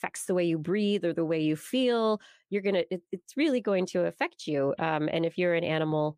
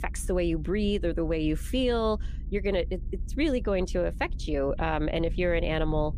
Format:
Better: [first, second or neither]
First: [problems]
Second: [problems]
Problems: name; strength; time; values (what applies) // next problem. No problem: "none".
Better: first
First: none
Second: low rumble; faint; throughout; 25 dB below the speech